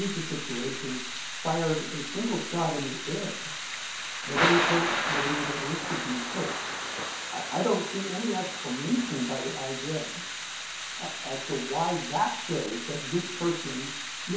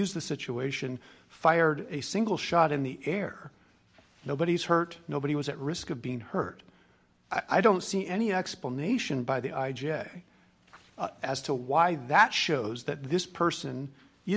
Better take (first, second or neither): second